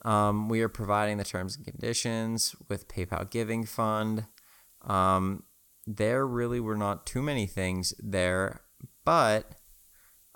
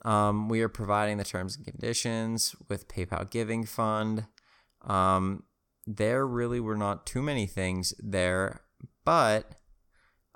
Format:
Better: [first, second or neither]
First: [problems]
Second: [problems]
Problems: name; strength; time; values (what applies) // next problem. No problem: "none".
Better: second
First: hiss; faint; throughout; 30 dB below the speech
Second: none